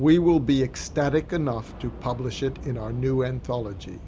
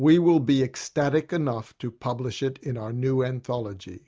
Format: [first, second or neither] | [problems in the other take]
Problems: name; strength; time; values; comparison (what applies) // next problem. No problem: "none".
second | background sound (Subway, metro, underground / Train); 14 dB below the speech